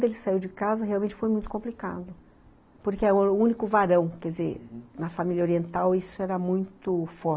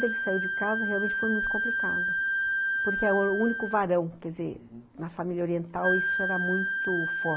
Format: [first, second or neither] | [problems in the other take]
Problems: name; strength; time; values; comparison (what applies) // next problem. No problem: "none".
first | background sound (Wind instrument, woodwind instrument); as loud as the speech